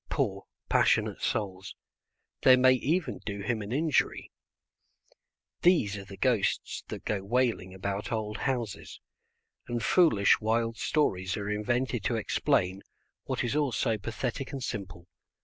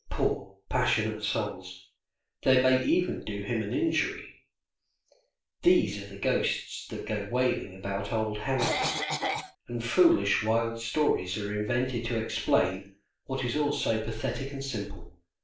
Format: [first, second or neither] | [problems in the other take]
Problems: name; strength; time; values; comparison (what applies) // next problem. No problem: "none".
first | background sound (Cough); 1 dB below the speech // room echo; dies away in 0.4 s